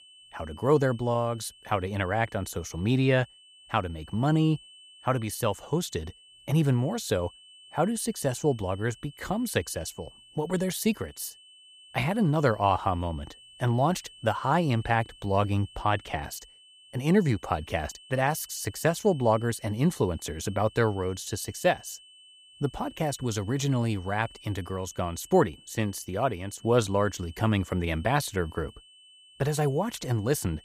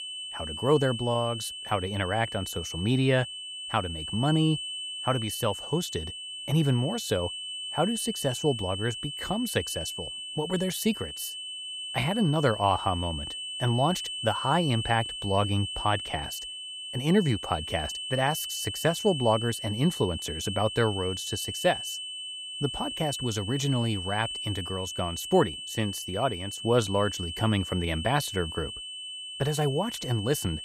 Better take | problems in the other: first | high-pitched whine; loud; throughout; 3 kHz, 6 dB below the speech; faint in the first

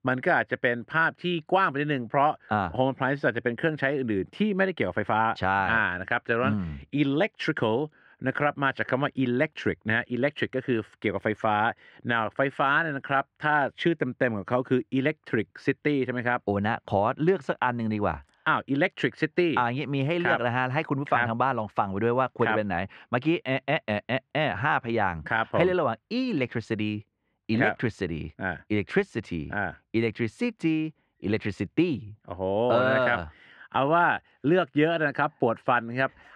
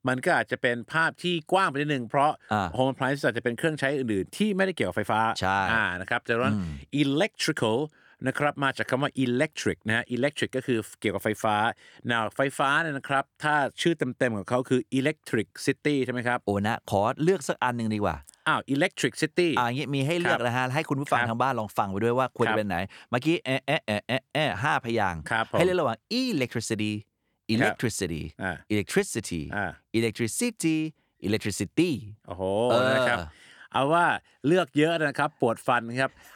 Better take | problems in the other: second | muffled; slightly; fading above 2 kHz

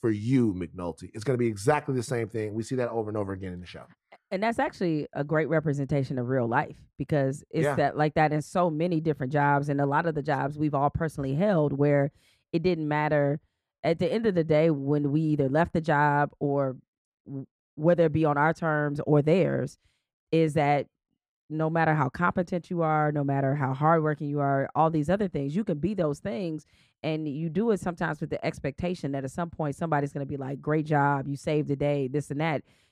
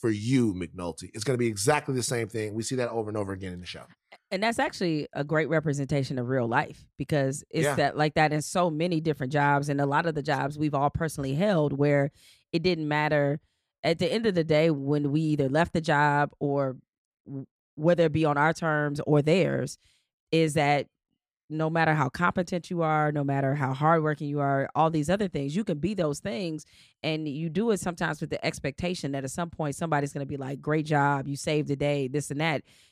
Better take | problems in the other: second | muffled; slightly; fading above 2.5 kHz

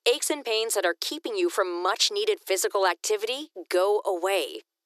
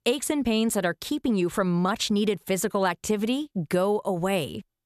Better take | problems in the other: second | thin; very; fading below 350 Hz

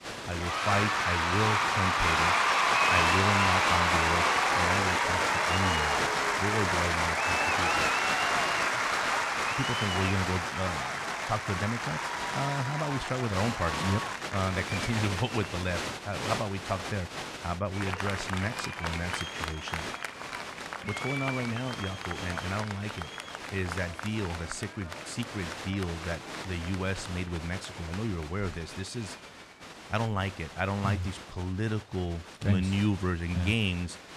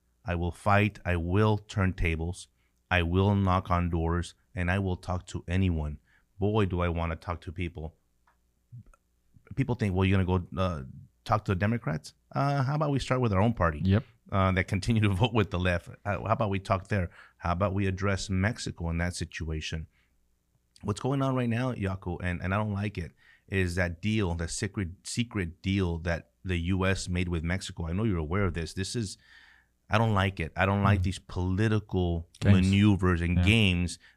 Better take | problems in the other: second | crowd noise; very loud; throughout; 4 dB above the speech

